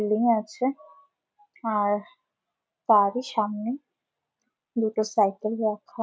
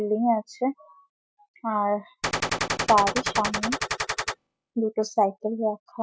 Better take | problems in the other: first | noise reduction (classical method spectral subtraction)

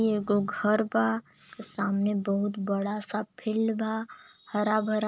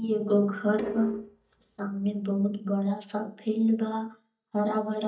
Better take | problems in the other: first | noise reduction (neural mask model DeepFilterNet 3)

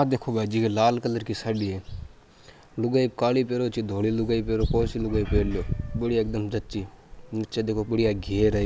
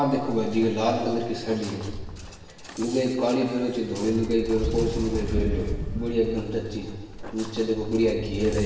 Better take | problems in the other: first | background sound (Walk, footsteps); 20 dB below the speech // room echo; dies away in 1.3 s

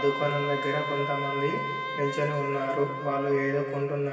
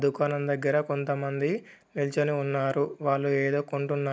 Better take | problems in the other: second | background sound (Wind instrument, woodwind instrument); 5 dB below the speech // room echo; dies away in 2.3 s

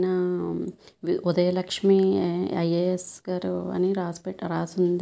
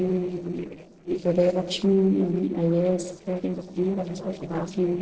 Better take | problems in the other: first | noise reduction (neural separator model SepFormer DNS4)

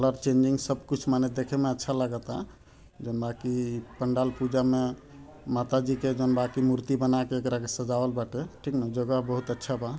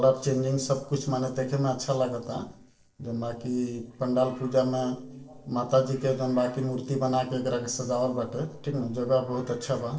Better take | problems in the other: first | noise reduction (neural separator model SepFormer DNS4)

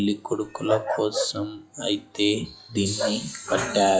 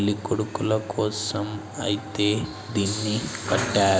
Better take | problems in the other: second | noise reduction (classical method log-MMSE)

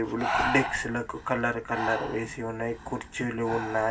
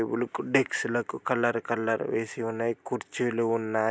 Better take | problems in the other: second | background sound (Breathing); 5 dB below the speech // room echo; dies away in 0.2 s

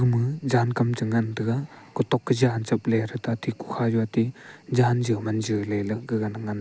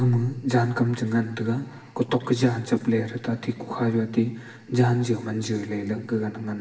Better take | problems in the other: first | room echo; dies away in 0.9 s

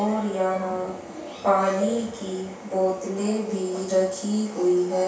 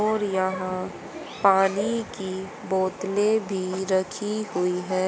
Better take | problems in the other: second | room echo; dies away in 0.7 s

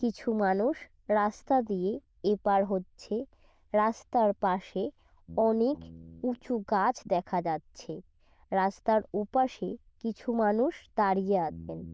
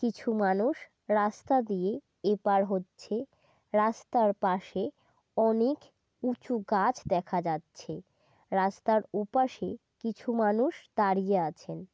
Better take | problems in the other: second | noise reduction (neural diffusion model UNIVERSE++)

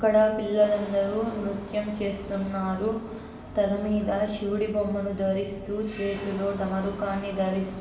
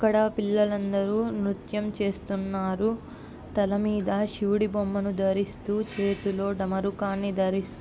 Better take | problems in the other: second | background sound (Engine); 20 dB below the speech // room echo; dies away in 1 s

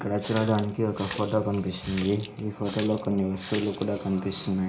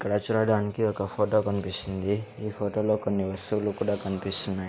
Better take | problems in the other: second | background sound (Water tap, faucet); 15 dB below the speech // room echo; dies away in 0.4 s

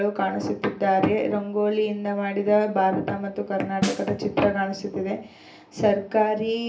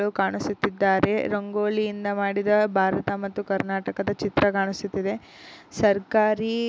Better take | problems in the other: second | background sound (Snare drum); 10 dB below the speech // room echo; dies away in 0.3 s

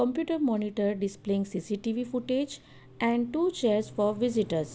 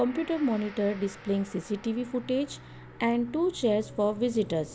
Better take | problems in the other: first | background sound (Piano + Gong); 20 dB below the speech

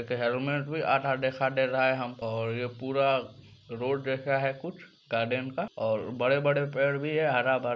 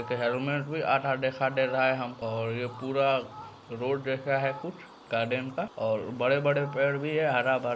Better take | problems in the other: first | background sound (Fowl); 19 dB below the speech

